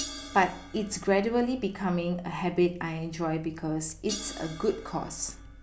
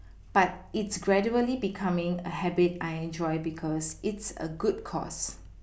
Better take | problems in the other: second | background sound (Crash cymbal); 16 dB below the speech

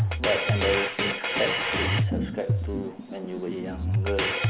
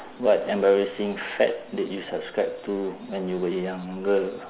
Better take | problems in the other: second | background sound (Drum kit); 5 dB above the speech

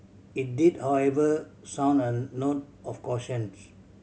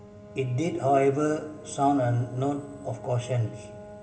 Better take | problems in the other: first | background sound (Brass instrument); 19 dB below the speech // room echo; dies away in 2.6 s

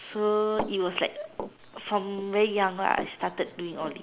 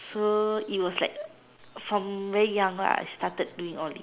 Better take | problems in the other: second | background sound (Run); 12 dB below the speech

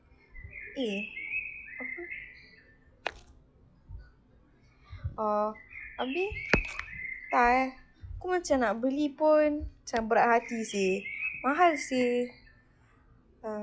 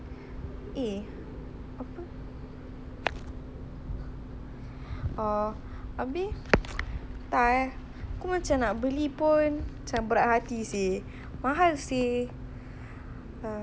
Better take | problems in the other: second | noise reduction (classical method log-MMSE)

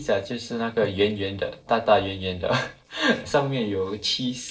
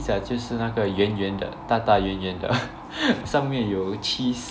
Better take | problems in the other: second | noise reduction (neural separator model SepFormer DNS4)

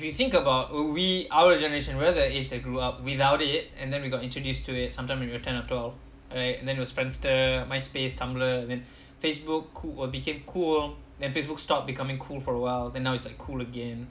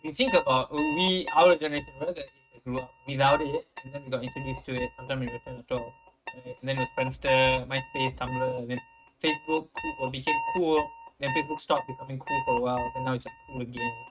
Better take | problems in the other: first | noise reduction (neural mask model RNNoise)

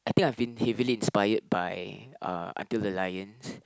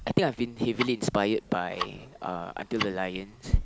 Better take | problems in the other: first | background sound (Tick-tock); 5 dB below the speech

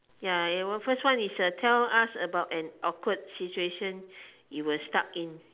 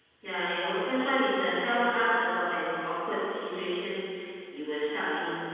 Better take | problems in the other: first | room echo; dies away in 2.1 s

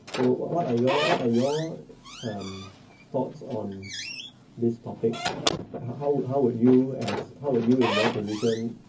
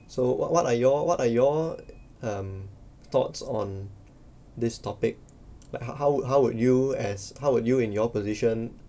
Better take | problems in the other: second | background sound (Squeak / Slam); 7 dB below the speech // room echo; dies away in 0.3 s

